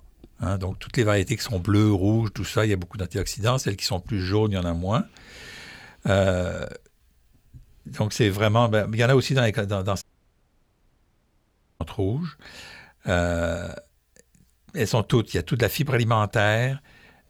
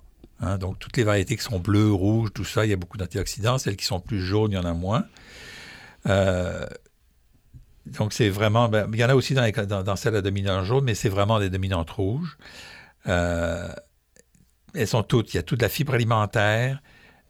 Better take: second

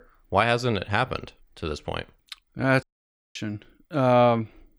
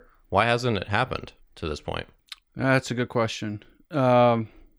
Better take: second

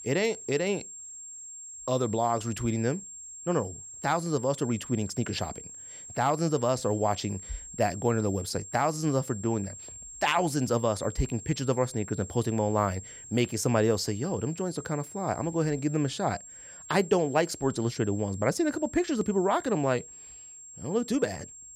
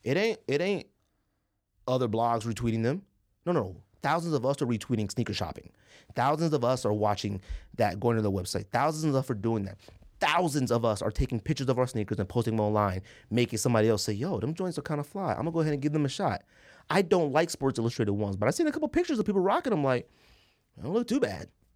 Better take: second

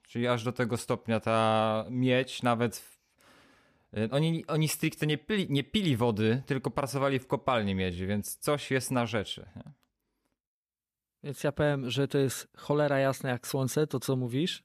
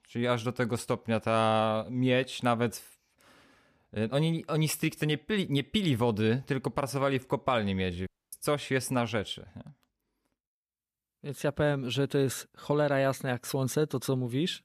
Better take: first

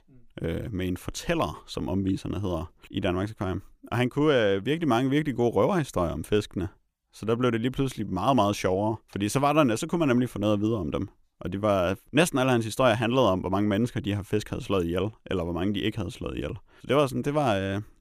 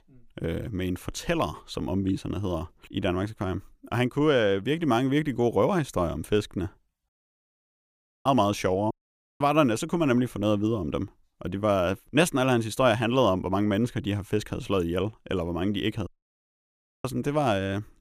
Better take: first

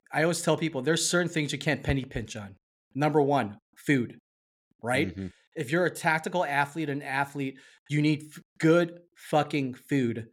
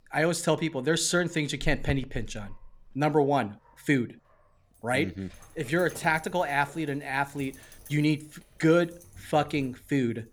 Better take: first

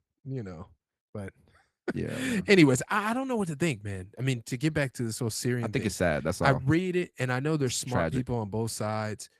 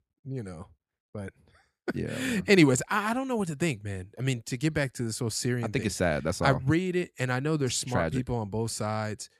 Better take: second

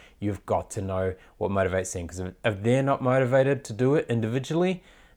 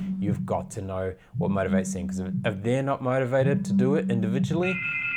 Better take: first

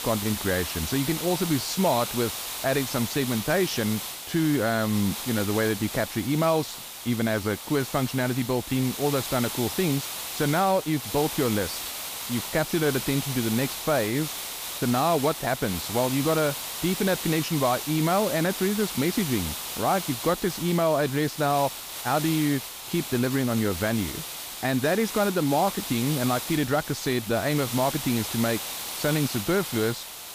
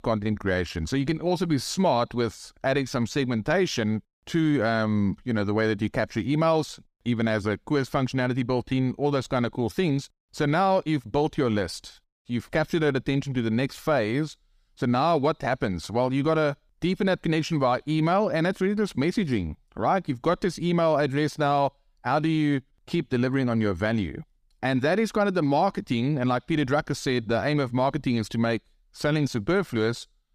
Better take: second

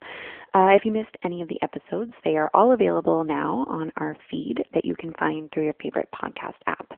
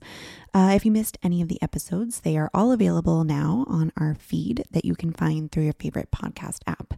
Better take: second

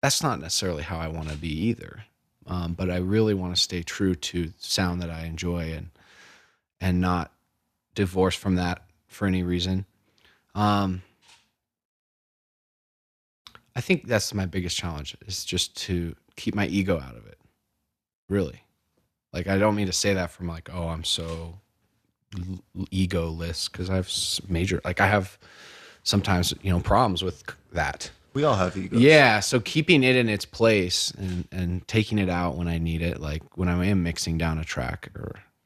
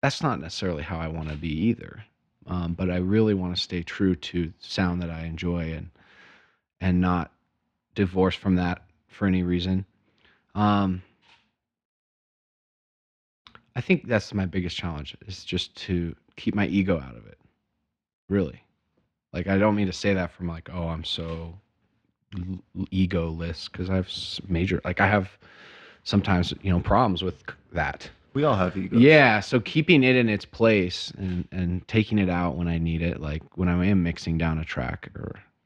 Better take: first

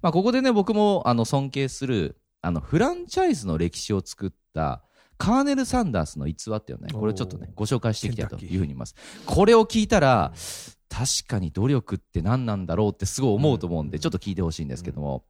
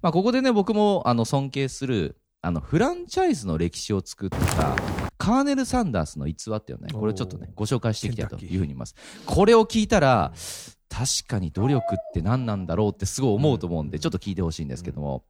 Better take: first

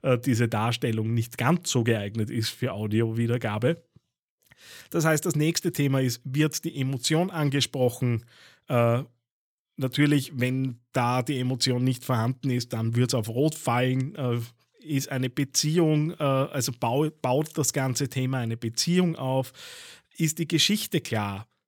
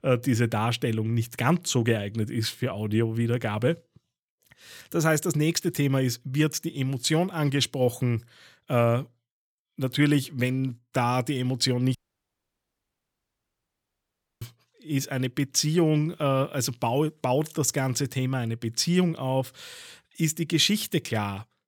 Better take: first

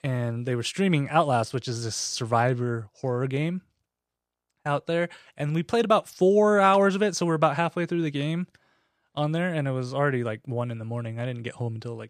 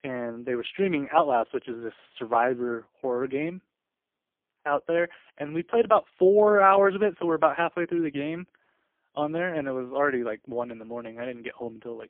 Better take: first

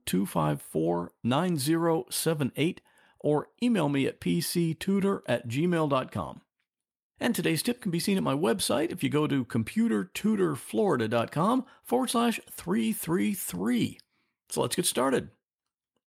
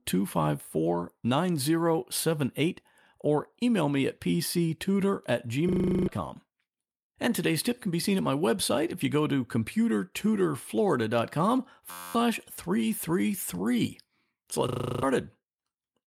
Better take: first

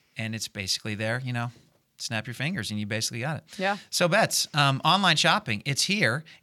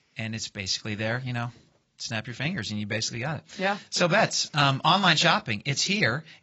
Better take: first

